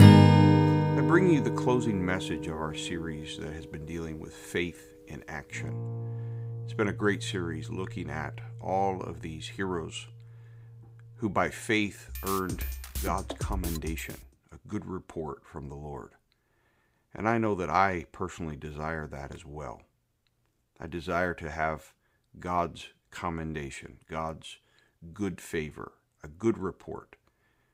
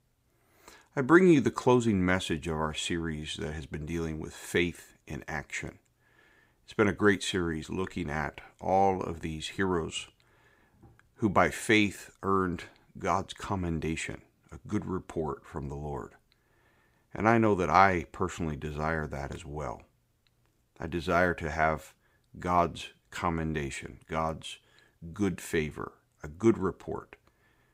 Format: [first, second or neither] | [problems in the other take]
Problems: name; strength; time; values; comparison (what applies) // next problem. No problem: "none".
second | background music; very loud; until 14 s; 5 dB above the speech